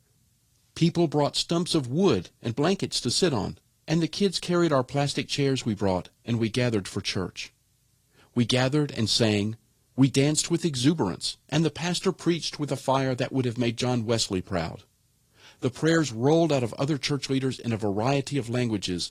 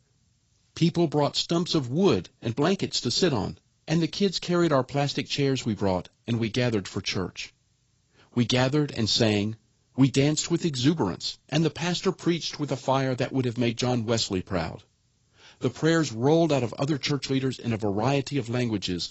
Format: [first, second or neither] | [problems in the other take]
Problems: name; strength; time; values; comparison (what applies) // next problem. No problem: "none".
first | garbled, watery; badly; nothing above 7.5 kHz; slightly in the first